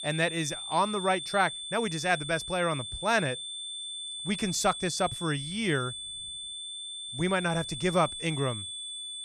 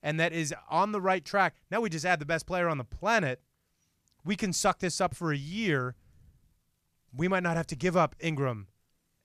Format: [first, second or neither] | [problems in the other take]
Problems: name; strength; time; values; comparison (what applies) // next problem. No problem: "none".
second | high-pitched whine; loud; throughout; 3.5 kHz, 7 dB below the speech